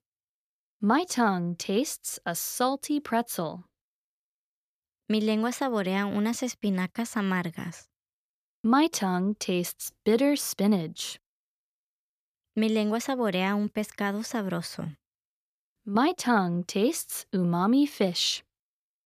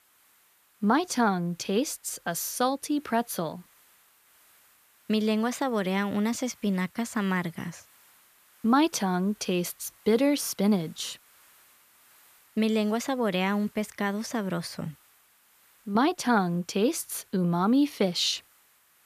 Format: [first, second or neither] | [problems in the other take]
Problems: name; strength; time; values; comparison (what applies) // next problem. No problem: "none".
first | hiss; faint; throughout; 30 dB below the speech